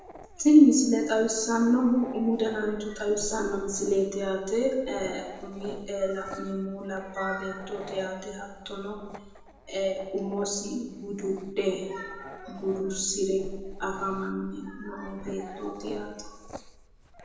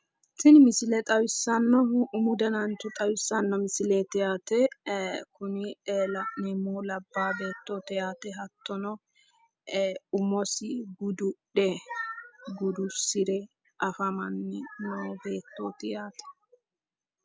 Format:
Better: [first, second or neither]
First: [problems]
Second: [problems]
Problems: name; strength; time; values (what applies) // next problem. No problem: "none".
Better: second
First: background sound (Dog); 16 dB below the speech // room echo; dies away in 1 s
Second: none